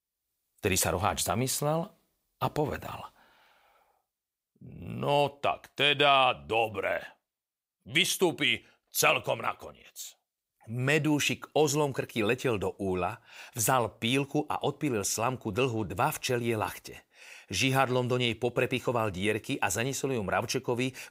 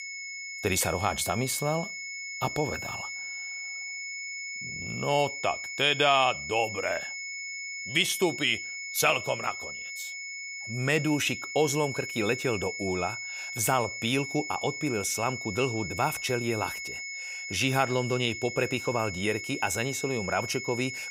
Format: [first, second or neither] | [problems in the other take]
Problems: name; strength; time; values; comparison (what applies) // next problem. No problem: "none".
first | high-pitched whine; loud; throughout; 2 kHz, 7 dB below the speech